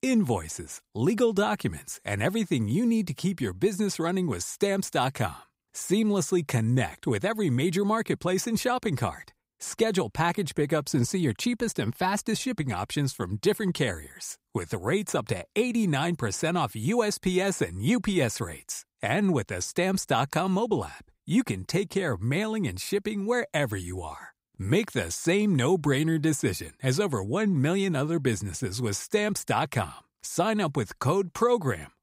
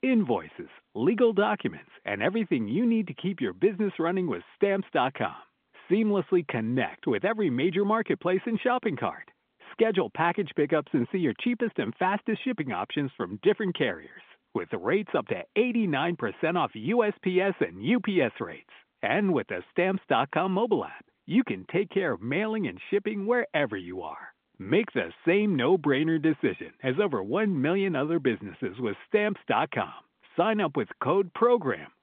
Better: first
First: none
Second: phone-call audio; nothing above 3.5 kHz

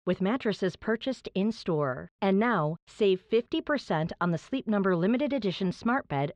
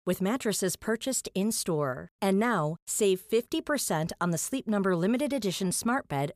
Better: second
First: muffled; slightly; fading above 4 kHz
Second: none

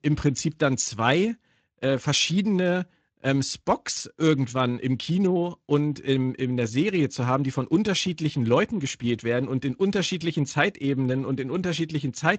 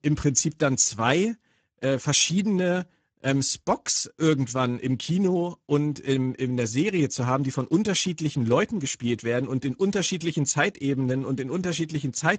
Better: first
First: garbled, watery; slightly; nothing above 7.5 kHz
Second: garbled, watery; badly; nothing above 7.5 kHz

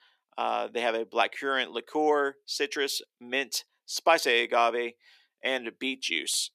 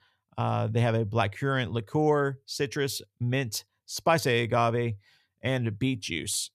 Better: second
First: thin; very; fading below 300 Hz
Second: none

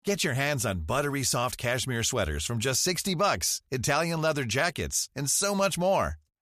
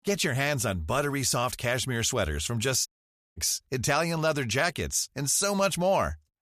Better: first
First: none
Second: audio cutting out; at 3 s for 0.5 s

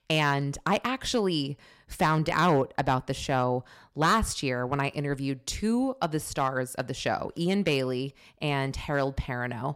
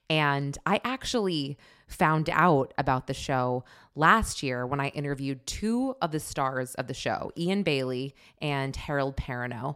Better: second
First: distortion; slight; 1.8% of the sound clipped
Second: none

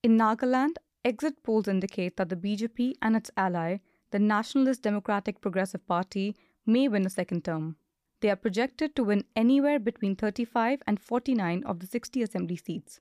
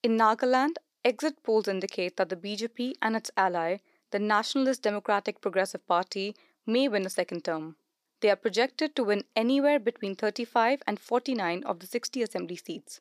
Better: first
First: none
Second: thin; somewhat; fading below 400 Hz

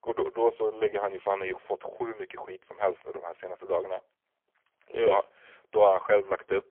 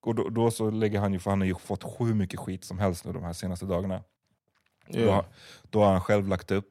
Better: second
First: phone-call audio; poor line; nothing above 3.5 kHz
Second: none

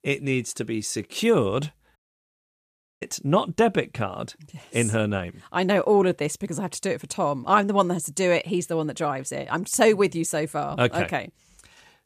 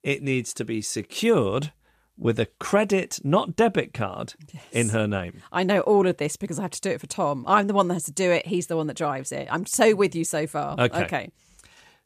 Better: second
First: audio cutting out; at 2 s for 1 s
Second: none

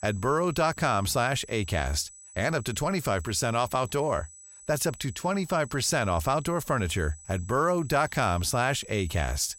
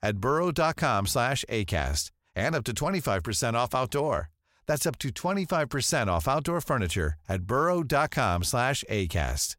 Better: second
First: high-pitched whine; noticeable; throughout; 8 kHz, 20 dB below the speech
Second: none

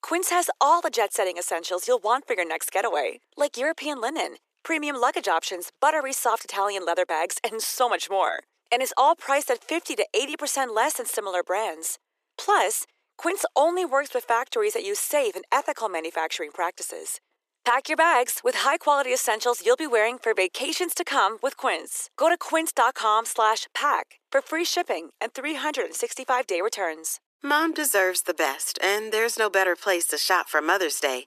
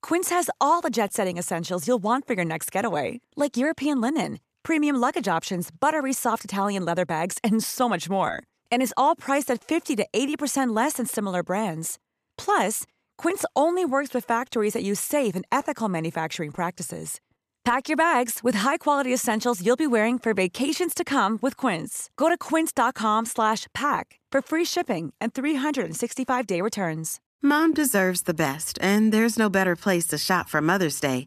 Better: second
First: thin; very; fading below 350 Hz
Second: none

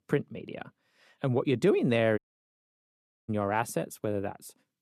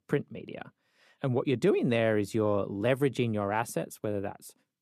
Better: second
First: audio cutting out; at 2 s for 1 s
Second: none

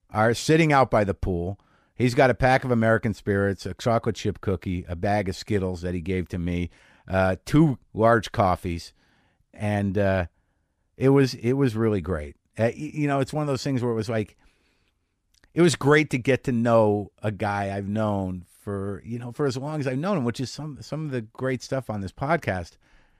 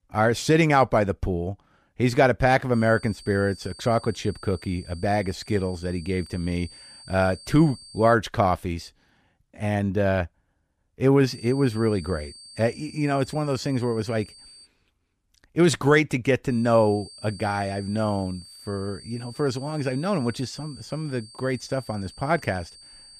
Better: first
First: none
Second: high-pitched whine; noticeable; from 2.5 to 8 s, from 11 to 15 s and from 16 s on; 4.5 kHz, 20 dB below the speech

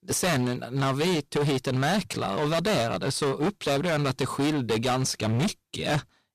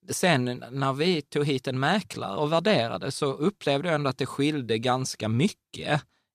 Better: second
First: distortion; heavy; 23% of the sound clipped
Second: none

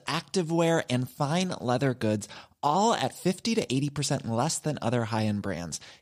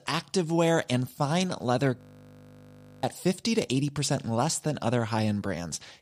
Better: first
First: none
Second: audio freezing; at 2 s for 1 s

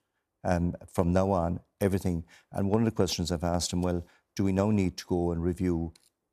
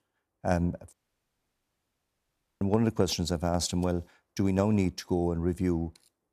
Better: first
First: none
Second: audio cutting out; at 1 s for 1.5 s

